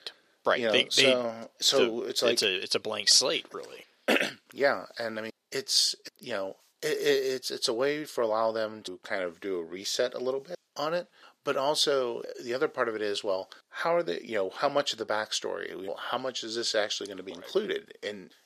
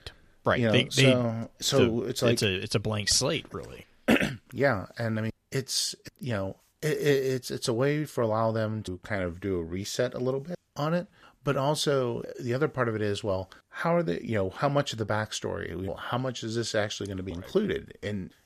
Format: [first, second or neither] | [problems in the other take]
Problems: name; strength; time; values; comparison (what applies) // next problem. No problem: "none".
second | thin; somewhat; fading below 400 Hz